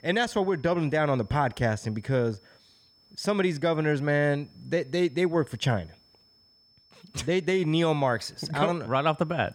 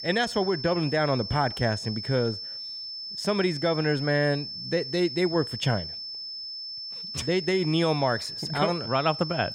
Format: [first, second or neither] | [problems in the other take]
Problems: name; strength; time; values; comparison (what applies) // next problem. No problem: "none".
first | high-pitched whine; loud; throughout; 5.5 kHz, 7 dB below the speech; faint in the first